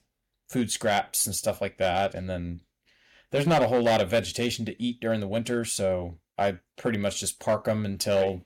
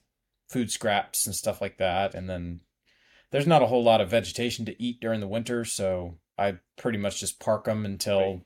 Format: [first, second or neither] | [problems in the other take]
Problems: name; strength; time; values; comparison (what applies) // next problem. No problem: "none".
second | distortion; slight; 3% of the sound clipped